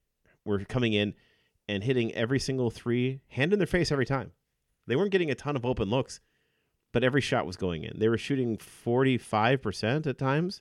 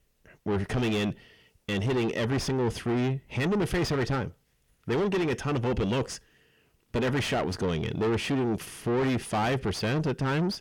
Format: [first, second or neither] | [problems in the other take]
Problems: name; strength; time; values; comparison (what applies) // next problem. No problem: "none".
first | distortion; heavy; 5 dB below the speech